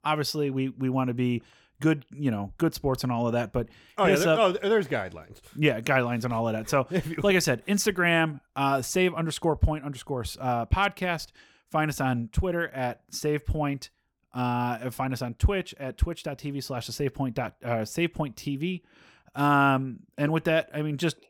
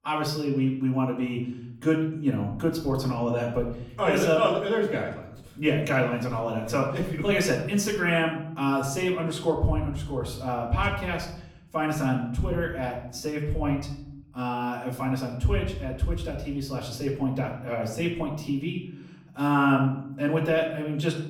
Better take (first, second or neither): first